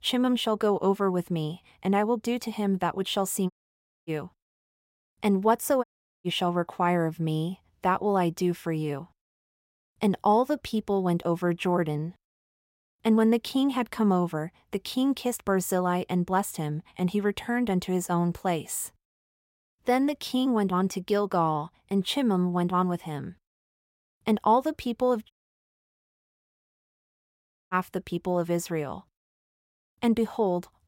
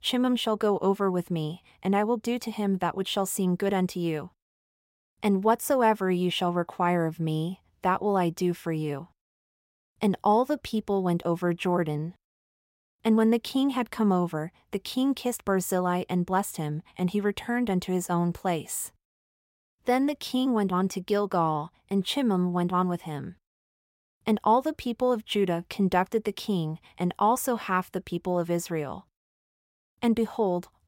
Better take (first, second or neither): second